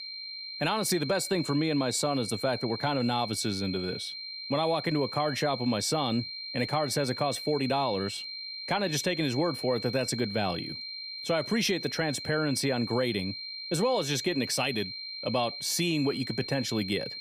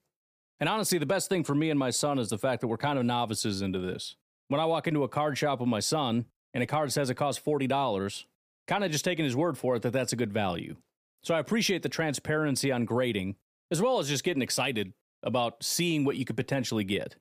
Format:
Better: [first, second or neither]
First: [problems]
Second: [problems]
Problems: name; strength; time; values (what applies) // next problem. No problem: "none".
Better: second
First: high-pitched whine; loud; throughout; 4 kHz, 7 dB below the speech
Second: none